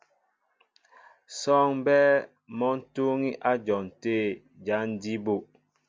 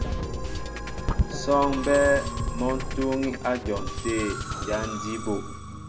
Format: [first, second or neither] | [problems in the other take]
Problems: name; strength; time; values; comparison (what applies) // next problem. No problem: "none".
first | background sound (Musical instrument); 3 dB below the speech // room echo; dies away in 0.3 s